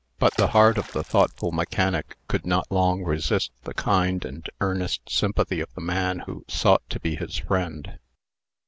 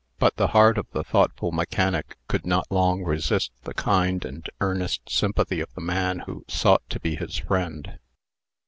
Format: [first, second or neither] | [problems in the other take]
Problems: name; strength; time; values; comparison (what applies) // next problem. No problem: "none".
second | background sound (Water / Splash, splatter); 15 dB below the speech